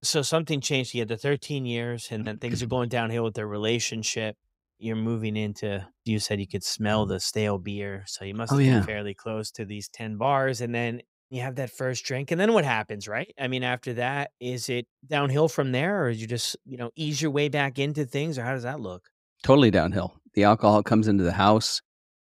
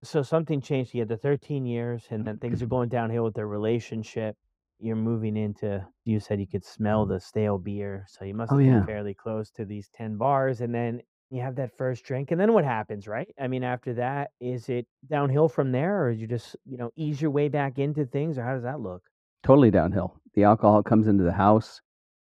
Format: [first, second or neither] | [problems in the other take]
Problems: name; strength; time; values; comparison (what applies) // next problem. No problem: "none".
first | muffled; very; fading above 2 kHz